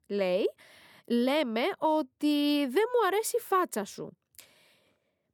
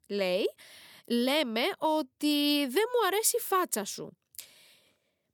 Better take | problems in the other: second | muffled; slightly; fading above 2.5 kHz

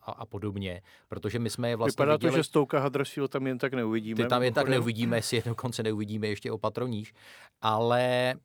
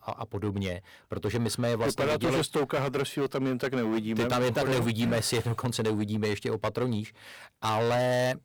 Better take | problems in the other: first | distortion; heavy; 15% of the sound clipped

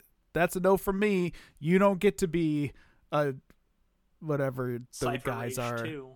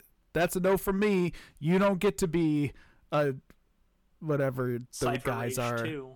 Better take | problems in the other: first | distortion; slight; 10 dB below the speech

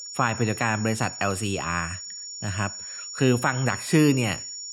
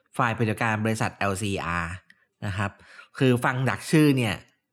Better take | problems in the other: second | high-pitched whine; loud; throughout; 7 kHz, 9 dB below the speech

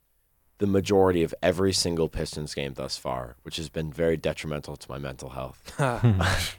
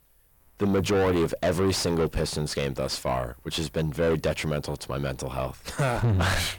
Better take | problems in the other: first | distortion; heavy; 6 dB below the speech

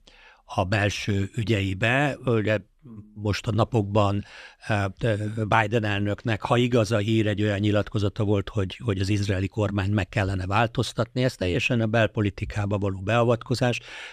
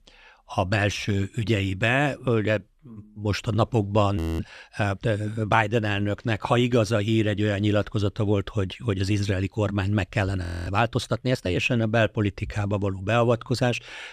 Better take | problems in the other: first | audio freezing; at 4 s and at 10 s

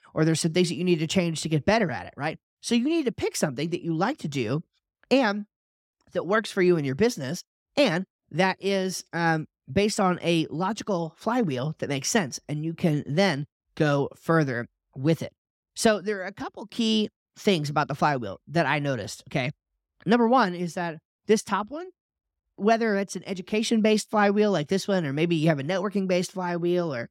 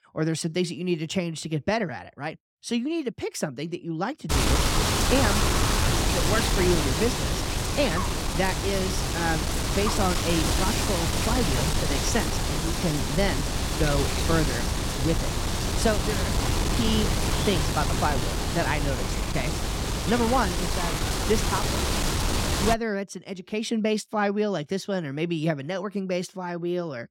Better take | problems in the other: first | wind noise on the microphone; heavy; from 4.5 to 23 s; 2 dB above the speech

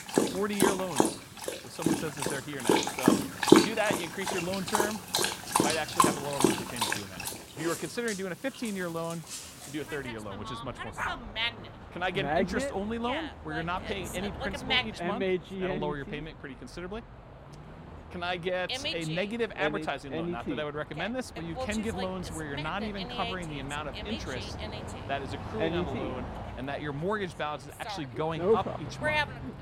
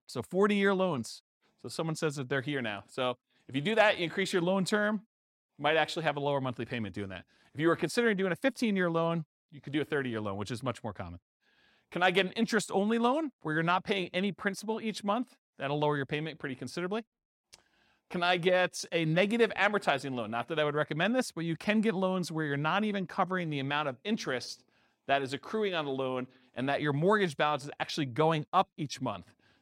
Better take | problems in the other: second | animal sounds; very loud; throughout; 4 dB above the speech

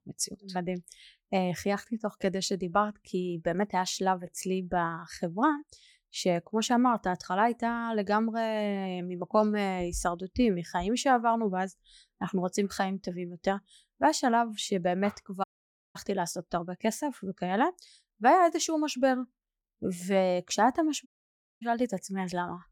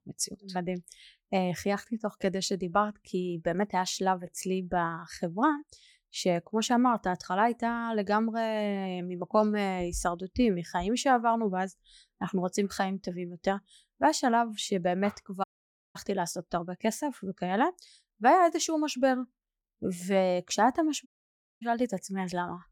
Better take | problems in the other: neither | audio cutting out; at 15 s for 0.5 s and at 21 s for 0.5 s; the same in both

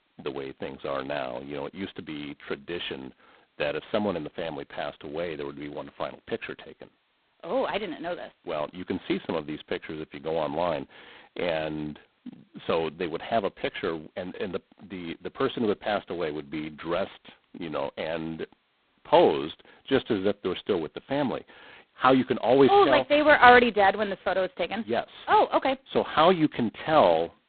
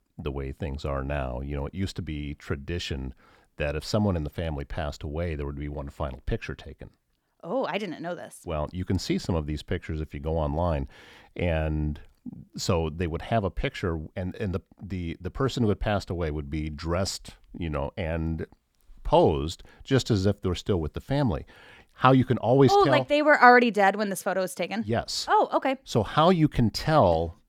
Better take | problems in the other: second | phone-call audio; poor line; nothing above 4 kHz

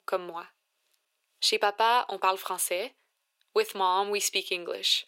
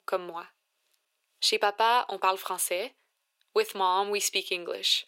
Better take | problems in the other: neither | thin; very; fading below 400 Hz; the same in both

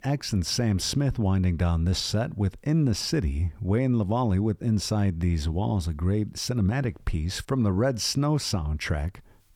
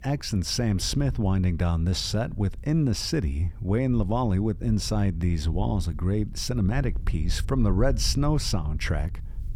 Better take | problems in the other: first | low rumble; faint; throughout; 25 dB below the speech

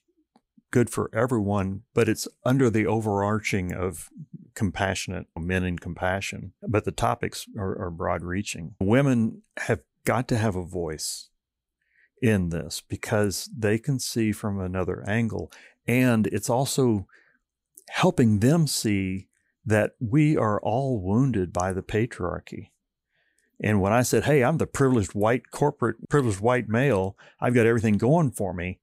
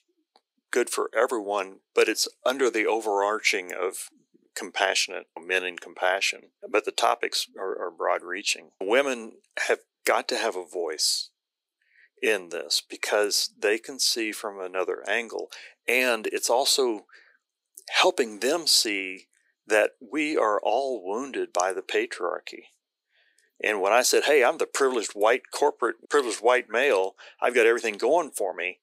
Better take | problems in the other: first | thin; very; fading below 350 Hz

